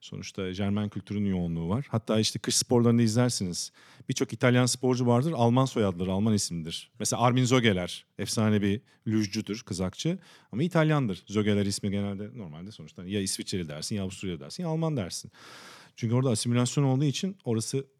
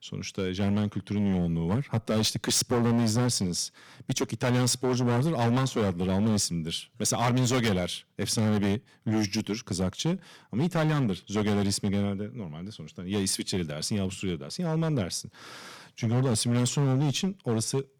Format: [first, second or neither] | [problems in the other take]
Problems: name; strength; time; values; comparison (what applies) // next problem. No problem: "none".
first | distortion; heavy; 11% of the sound clipped